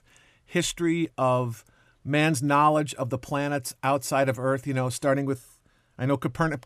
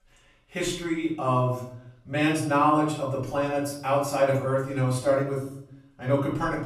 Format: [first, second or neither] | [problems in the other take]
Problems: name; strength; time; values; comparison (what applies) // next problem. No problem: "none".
first | off-mic speech; far // room echo; noticeable; dies away in 0.6 s